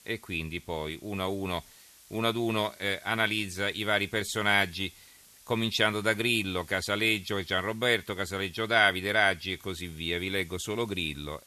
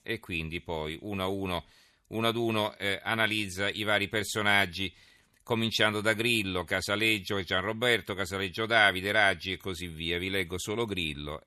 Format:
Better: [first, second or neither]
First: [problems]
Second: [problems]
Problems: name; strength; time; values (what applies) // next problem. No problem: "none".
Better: second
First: hiss; faint; throughout; 25 dB below the speech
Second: none